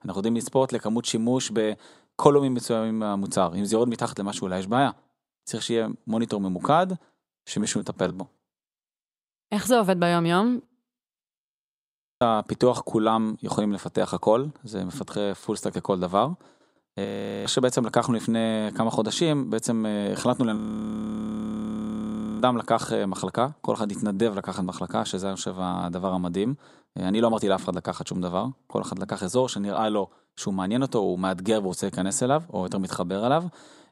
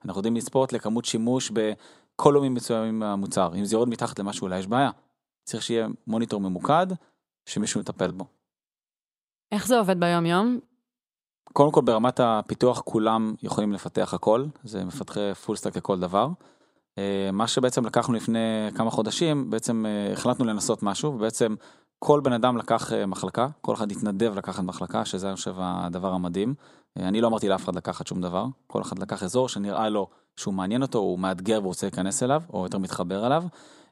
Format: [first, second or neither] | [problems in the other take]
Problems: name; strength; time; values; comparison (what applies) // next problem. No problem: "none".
second | audio freezing; at 11 s for 1 s, at 17 s and at 21 s for 2 s